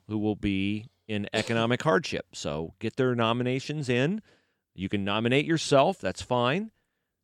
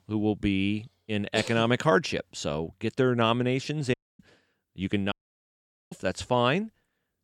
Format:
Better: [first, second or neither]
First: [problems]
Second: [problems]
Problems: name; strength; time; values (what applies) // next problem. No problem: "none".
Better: first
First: none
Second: audio cutting out; at 4 s and at 5 s for 1 s